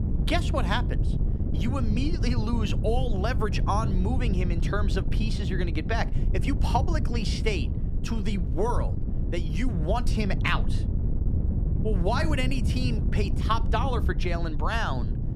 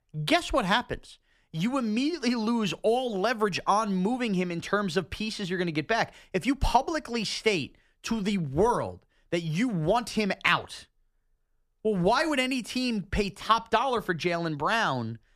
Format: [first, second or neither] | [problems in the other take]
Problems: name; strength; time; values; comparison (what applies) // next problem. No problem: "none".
second | wind noise on the microphone; heavy; 10 dB below the speech